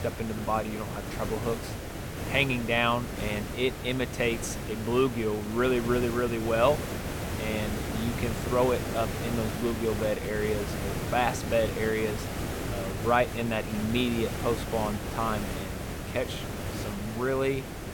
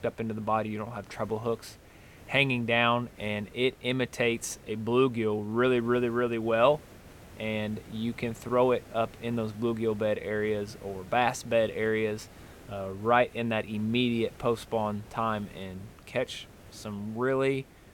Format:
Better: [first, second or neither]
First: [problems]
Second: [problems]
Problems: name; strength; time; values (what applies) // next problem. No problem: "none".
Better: second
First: hiss; loud; throughout; 5 dB below the speech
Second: hiss; faint; throughout; 20 dB below the speech